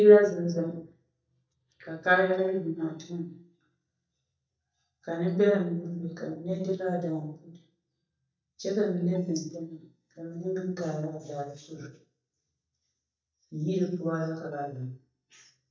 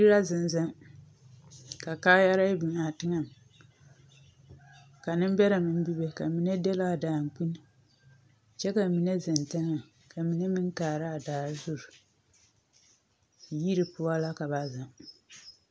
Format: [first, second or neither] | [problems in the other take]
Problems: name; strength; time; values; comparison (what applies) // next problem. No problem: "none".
second | noise reduction (neural mask model DeepFilterNet 3)